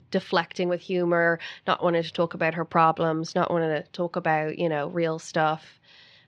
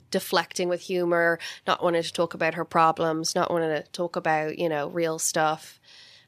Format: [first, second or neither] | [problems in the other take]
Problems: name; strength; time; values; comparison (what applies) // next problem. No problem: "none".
second | muffled; slightly; fading above 4 kHz